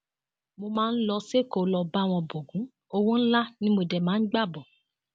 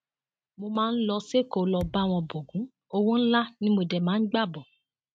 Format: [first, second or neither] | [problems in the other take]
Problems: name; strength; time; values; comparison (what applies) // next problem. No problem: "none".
first | noise reduction (neural mask model RNNoise)